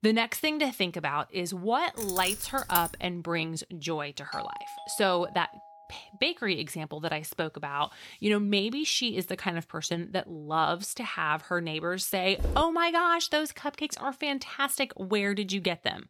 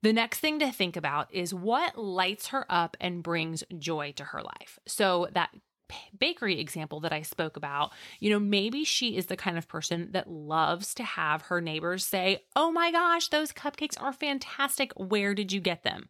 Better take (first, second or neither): second